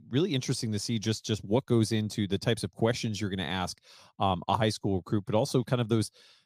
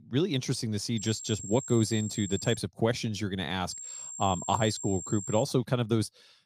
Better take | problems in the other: first | high-pitched whine; loud; from 1 to 2.5 s and from 3.5 to 5.5 s; 7.5 kHz, 9 dB below the speech

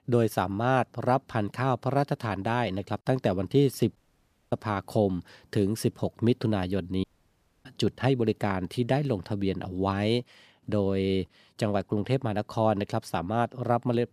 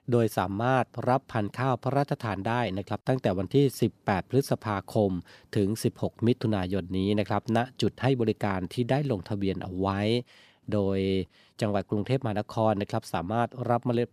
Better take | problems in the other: second | audio cutting out; at 4 s for 0.5 s and at 7 s for 0.5 s

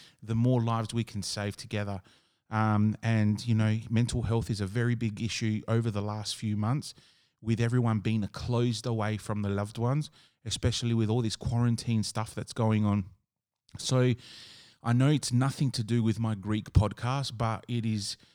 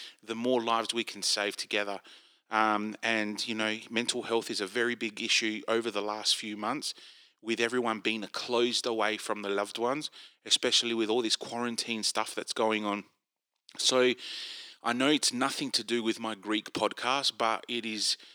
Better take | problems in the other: first | thin; very; fading below 300 Hz

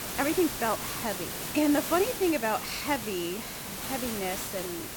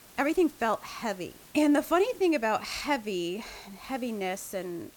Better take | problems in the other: second | hiss; loud; throughout; 4 dB below the speech; faint in the second

